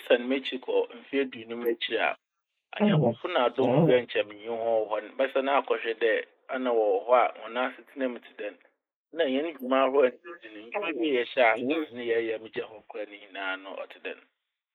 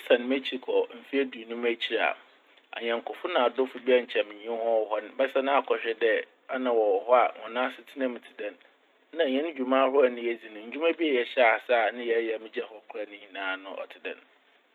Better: second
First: noise reduction (neural mask model Resemble Enhance denoiser)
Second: none

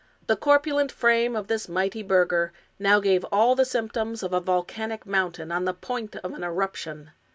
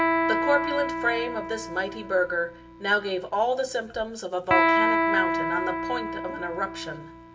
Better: first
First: none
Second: background sound (Electric guitar); 1 dB above the speech // room echo; dies away in 0.6 s

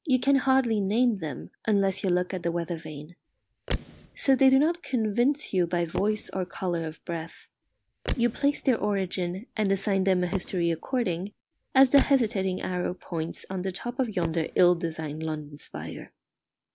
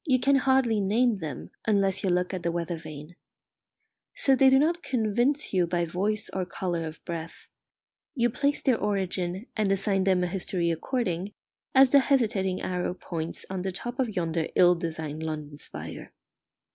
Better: second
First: background sound (Fireworks); 13 dB below the speech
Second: none

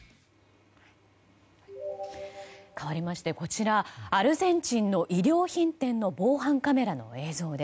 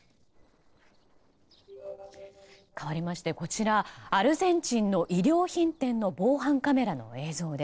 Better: first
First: none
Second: noise reduction (neural separator model SepFormer DNS4)

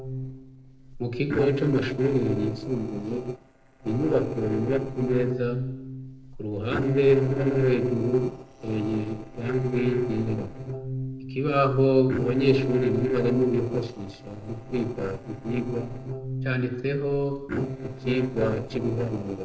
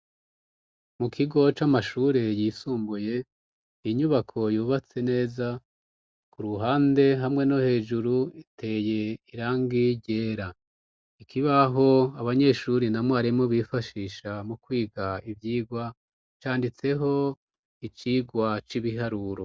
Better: second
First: noise reduction (neural separator model SepFormer DNS4)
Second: none

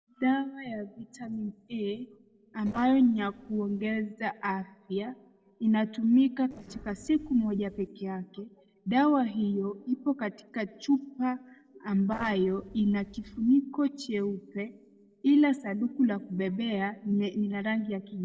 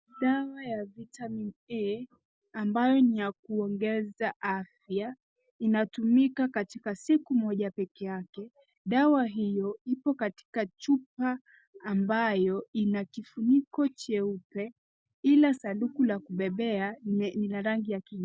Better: second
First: noise reduction (neural separator model SepFormer DNS4)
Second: none

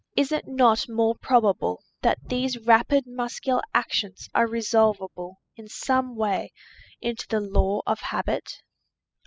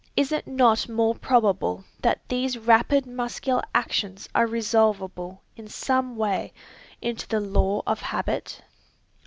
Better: second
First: noise reduction (classical method spectral subtraction)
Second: none

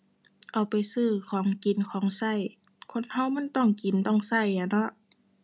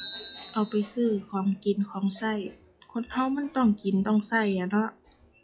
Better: first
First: none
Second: noise reduction (classical method log-MMSE)

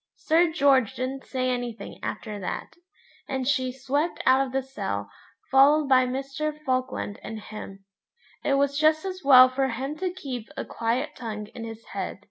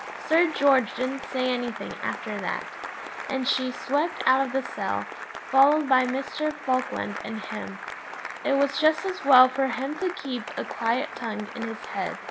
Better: first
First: none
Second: background sound (Applause / Cheering); 11 dB below the speech

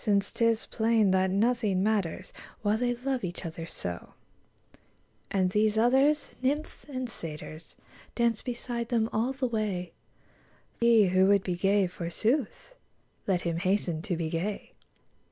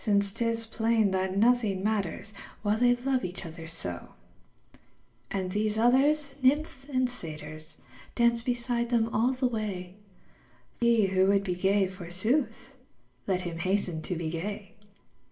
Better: first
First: none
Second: room echo; dies away in 0.5 s

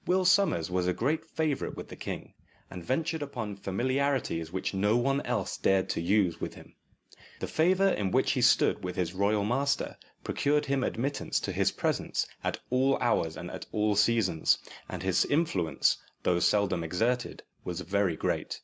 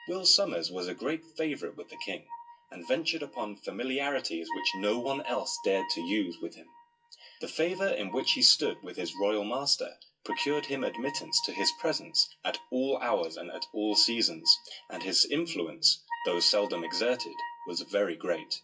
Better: first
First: none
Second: noise reduction (classical method WPE with log-MMSE)

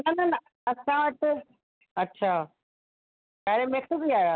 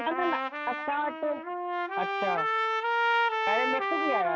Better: first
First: none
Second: background sound (Trumpet); 3 dB above the speech

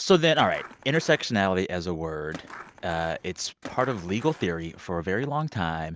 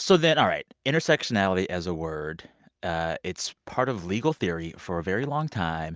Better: second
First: background sound (Skateboard); 18 dB below the speech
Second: none

